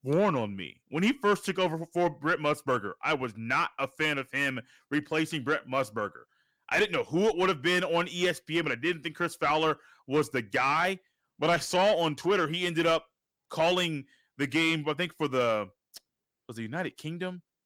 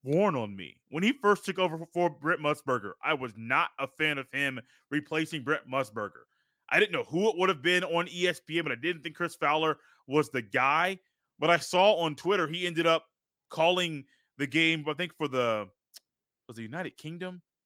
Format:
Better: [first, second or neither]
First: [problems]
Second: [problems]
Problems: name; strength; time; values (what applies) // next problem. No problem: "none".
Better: second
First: distortion; slight; 10 dB below the speech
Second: none